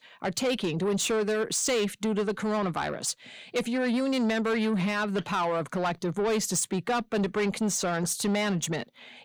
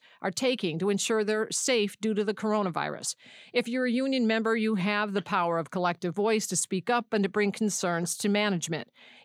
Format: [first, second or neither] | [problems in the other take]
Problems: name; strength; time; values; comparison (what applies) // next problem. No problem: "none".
second | distortion; slight; 10 dB below the speech